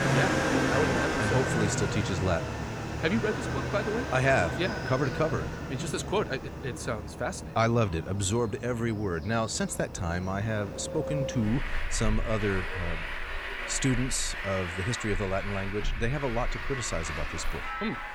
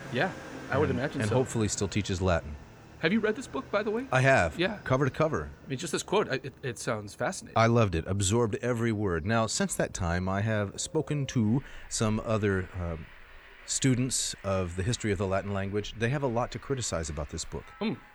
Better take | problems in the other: second | traffic noise; loud; throughout; 3 dB below the speech; faint in the second

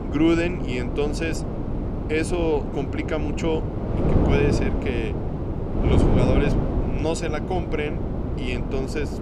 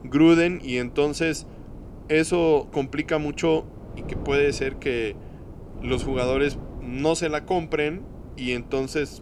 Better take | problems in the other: second | wind noise on the microphone; heavy; 3 dB below the speech; occasional gusts in the second

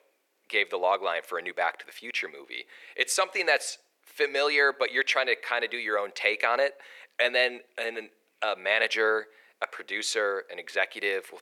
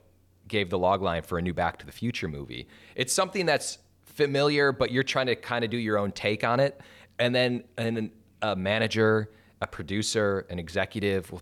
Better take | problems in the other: second | thin; very; fading below 400 Hz

